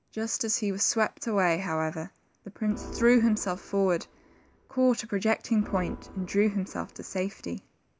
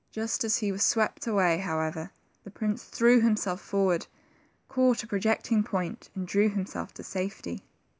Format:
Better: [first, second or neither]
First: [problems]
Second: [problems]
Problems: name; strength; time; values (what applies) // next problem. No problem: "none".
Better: second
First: background sound (Organ); 15 dB below the speech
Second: none